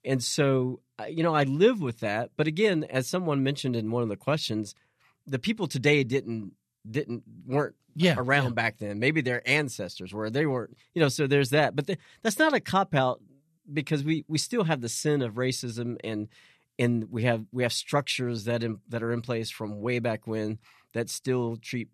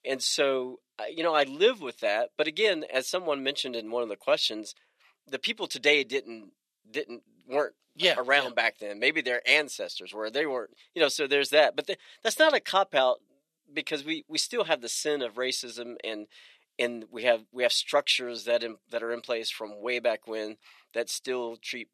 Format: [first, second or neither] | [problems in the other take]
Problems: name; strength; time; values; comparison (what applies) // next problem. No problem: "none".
first | thin; very; fading below 350 Hz